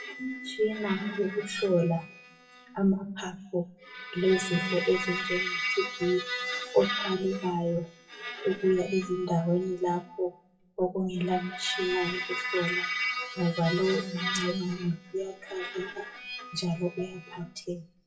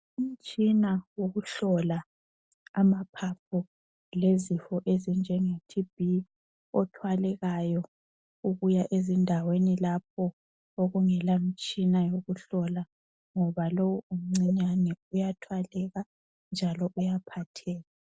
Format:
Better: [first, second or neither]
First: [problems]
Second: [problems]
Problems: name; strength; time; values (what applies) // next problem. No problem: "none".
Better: second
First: noise reduction (classical method WPE with log-MMSE)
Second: none